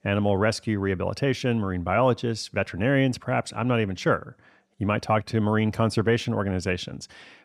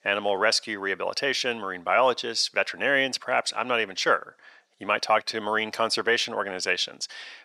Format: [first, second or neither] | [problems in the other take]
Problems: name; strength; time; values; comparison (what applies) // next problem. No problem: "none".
first | thin; very; fading below 550 Hz